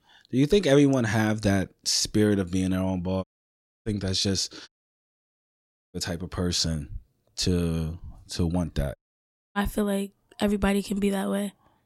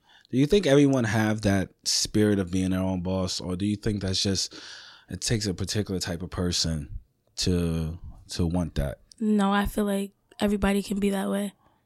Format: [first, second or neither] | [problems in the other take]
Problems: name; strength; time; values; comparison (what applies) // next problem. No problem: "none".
second | audio cutting out; at 3 s for 0.5 s, at 4.5 s for 1.5 s and at 9 s for 0.5 s